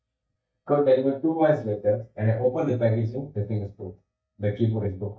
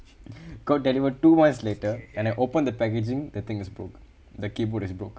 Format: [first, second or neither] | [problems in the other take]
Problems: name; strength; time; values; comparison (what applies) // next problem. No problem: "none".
second | noise reduction (neural mask model DeepFilterNet 3)